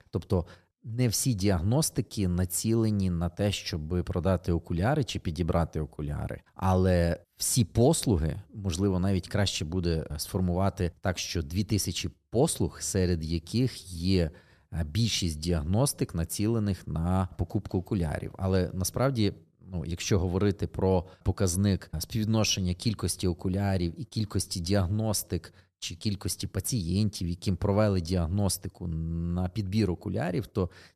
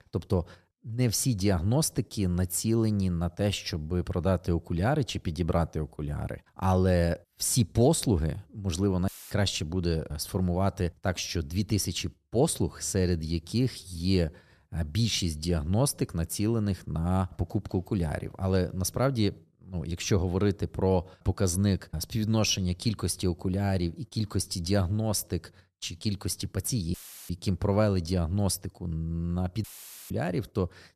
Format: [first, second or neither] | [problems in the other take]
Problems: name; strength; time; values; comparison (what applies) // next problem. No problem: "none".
first | audio cutting out; filled with static; at 9 s, at 27 s and at 30 s